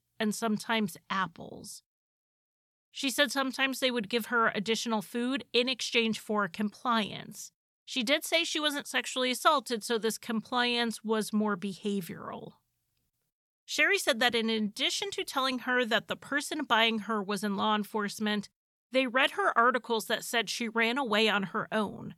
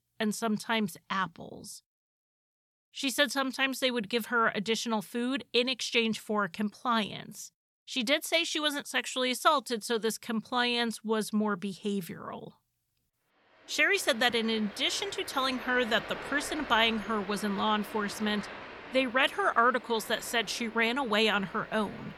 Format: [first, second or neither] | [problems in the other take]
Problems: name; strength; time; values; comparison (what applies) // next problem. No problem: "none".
first | rain or running water; noticeable; from 14 s on; 15 dB below the speech